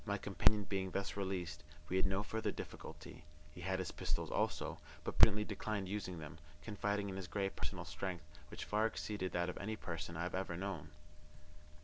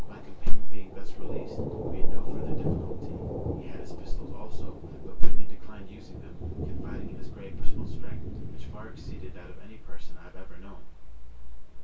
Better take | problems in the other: first | background sound (Thunder); 19 dB below the speech // room echo; dies away in 0.2 s

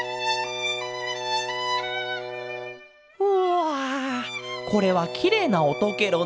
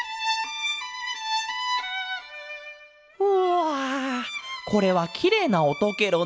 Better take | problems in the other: second | background sound (Brass instrument); 10 dB below the speech

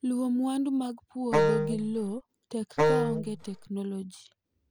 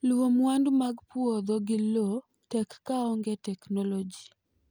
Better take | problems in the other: second | background sound (Wind instrument, woodwind instrument); 5 dB above the speech

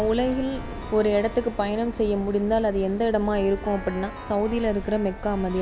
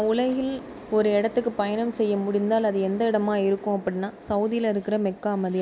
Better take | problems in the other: second | background sound (Keyboard (musical) + Wind); 12 dB below the speech

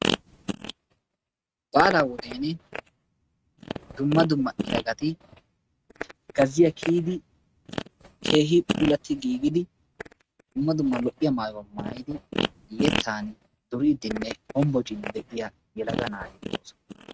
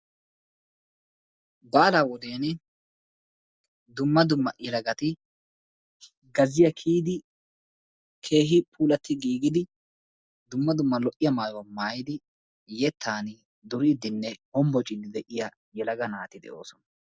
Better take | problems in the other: second | noise reduction (neural mask model RNNoise)

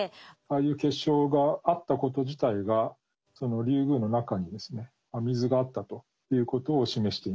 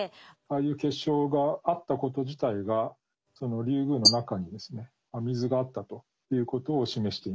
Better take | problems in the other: first | noise reduction (neural mask model Resemble Enhance denoiser)

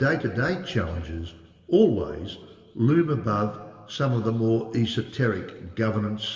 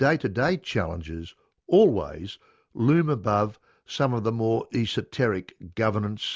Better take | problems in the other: second | room echo; dies away in 1.8 s

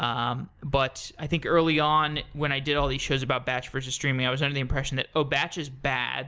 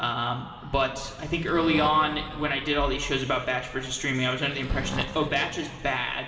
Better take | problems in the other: first | background sound (Breathing); 14 dB below the speech // room echo; dies away in 2.1 s

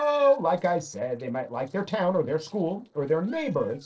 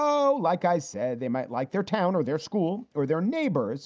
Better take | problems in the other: second | noise reduction (neural separator model SepFormer DNS4)

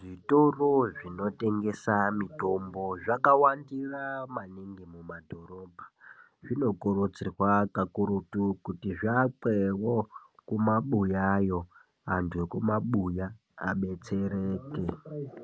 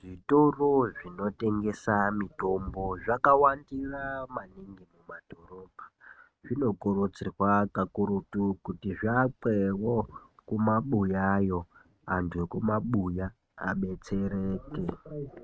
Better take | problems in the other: first | noise reduction (neural mask model RNNoise)

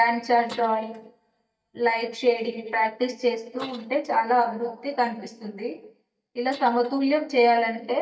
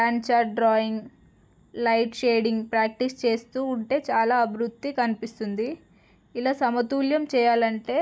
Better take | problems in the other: second | noise reduction (neural mask model DeepFilterNet 3)

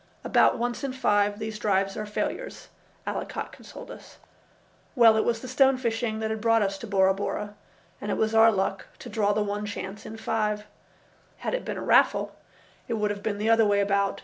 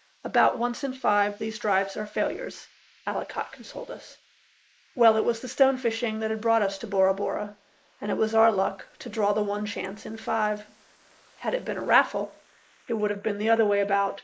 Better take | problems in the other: first | noise reduction (neural mask model Resemble Enhance denoiser)

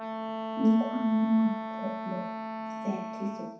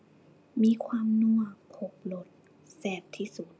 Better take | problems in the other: second | background sound (Wind instrument, woodwind instrument); 6 dB below the speech // room echo; dies away in 0.7 s

